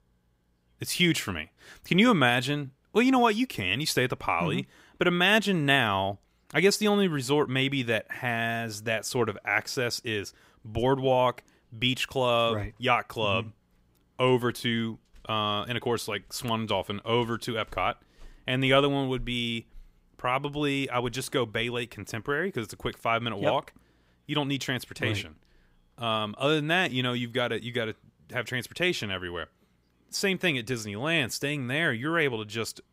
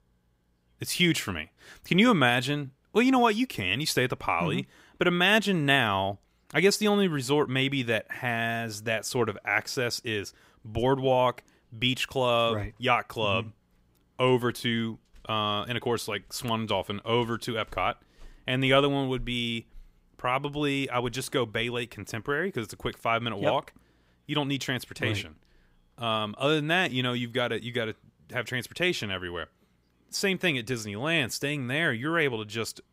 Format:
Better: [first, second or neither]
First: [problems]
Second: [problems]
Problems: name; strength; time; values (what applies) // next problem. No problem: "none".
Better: neither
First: none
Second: none